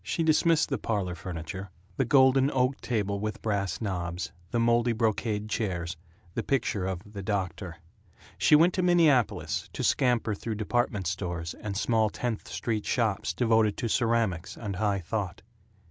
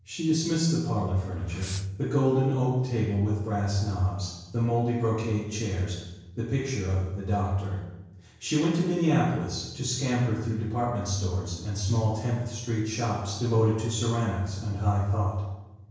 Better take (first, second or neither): first